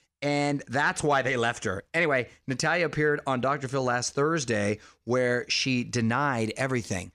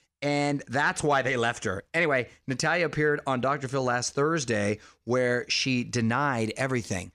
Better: neither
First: none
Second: none

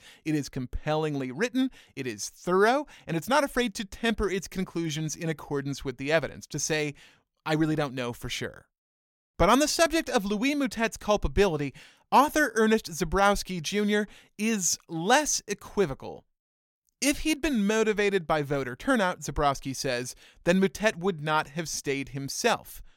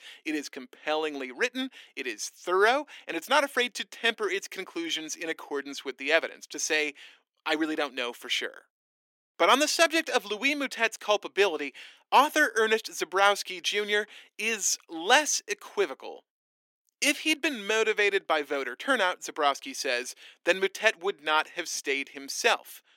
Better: first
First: none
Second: thin; somewhat; fading below 300 Hz

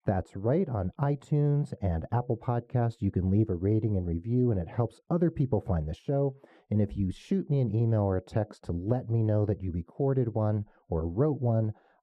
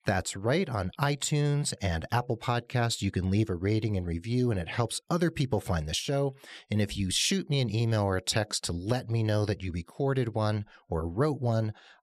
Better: second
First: muffled; very; fading above 1.5 kHz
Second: none

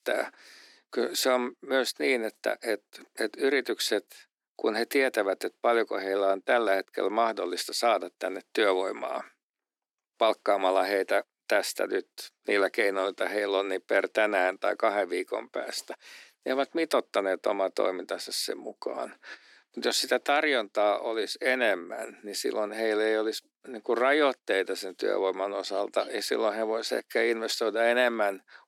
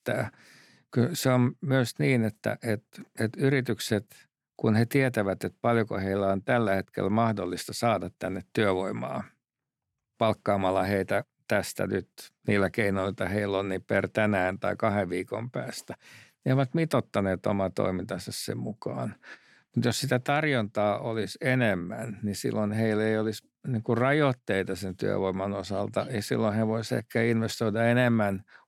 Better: second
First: thin; somewhat; fading below 300 Hz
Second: none

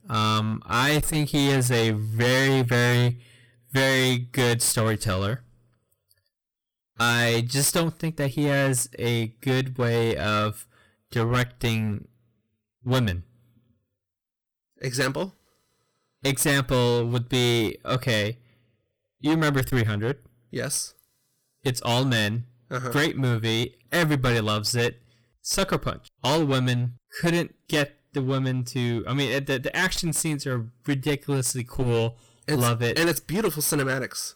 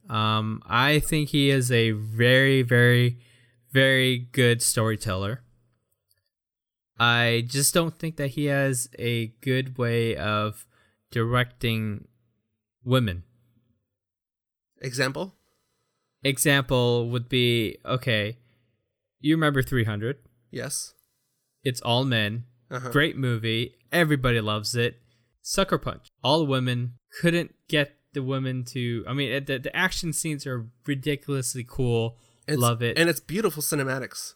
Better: second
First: distortion; heavy; 12% of the sound clipped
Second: none

